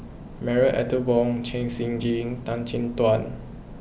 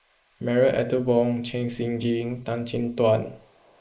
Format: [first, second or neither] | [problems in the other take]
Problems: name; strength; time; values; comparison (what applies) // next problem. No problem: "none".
first | noise reduction (neural mask model Resemble Enhance denoiser)